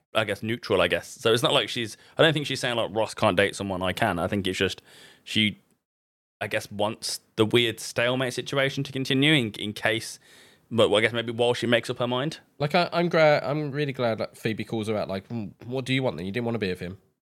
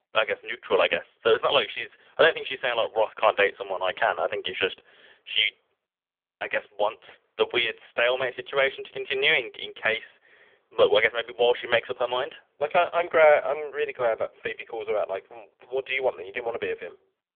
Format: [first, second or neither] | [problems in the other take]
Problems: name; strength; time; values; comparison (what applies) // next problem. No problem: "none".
first | phone-call audio; poor line; nothing above 3.5 kHz